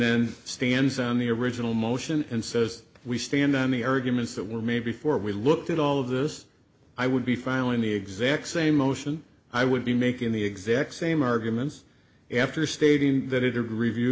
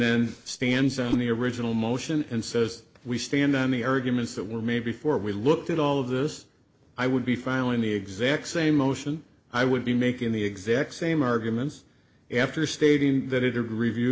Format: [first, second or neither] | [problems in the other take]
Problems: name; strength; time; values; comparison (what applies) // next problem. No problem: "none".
first | noise reduction (neural separator model SepFormer DNS4)